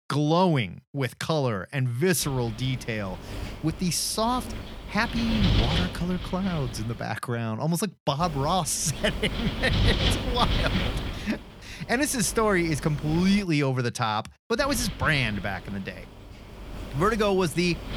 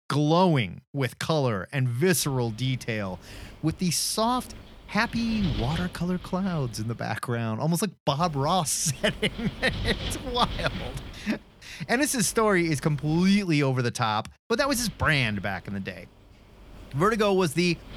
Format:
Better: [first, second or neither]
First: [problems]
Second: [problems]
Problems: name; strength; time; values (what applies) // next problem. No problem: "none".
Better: second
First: wind noise on the microphone; heavy; from 2 to 7 s, from 8 to 13 s and from 15 s on; 7 dB below the speech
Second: wind noise on the microphone; occasional gusts; from 2 to 7 s, from 8 to 13 s and from 15 s on; 15 dB below the speech